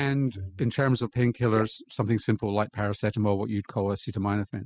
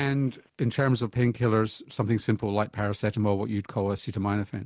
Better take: second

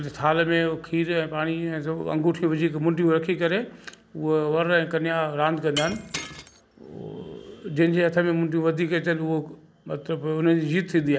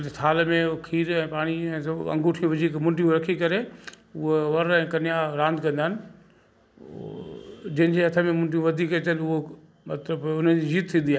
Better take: second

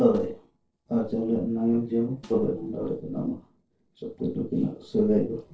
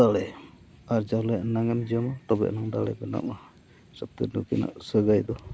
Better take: second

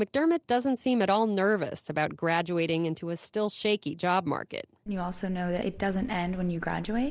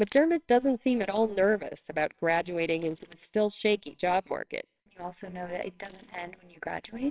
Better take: first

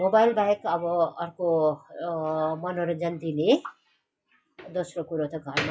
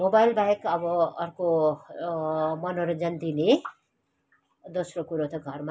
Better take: second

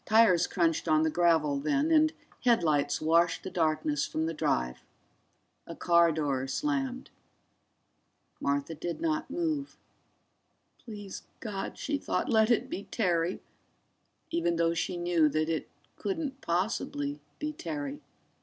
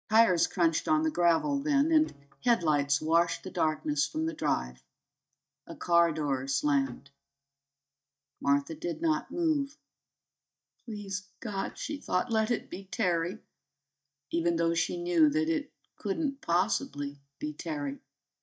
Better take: first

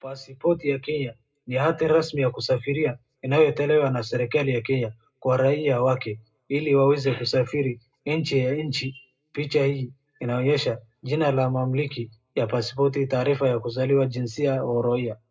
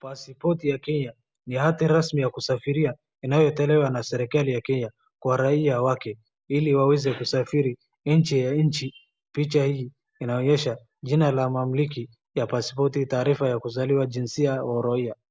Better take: second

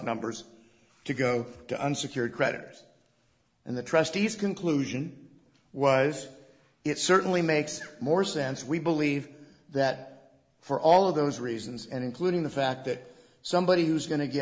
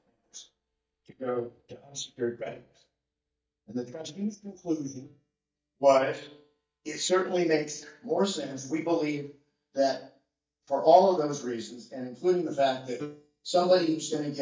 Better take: first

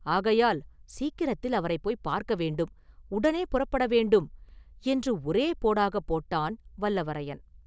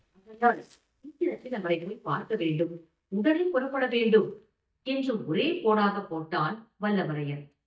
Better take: first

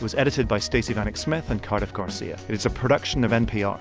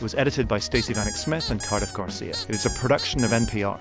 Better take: first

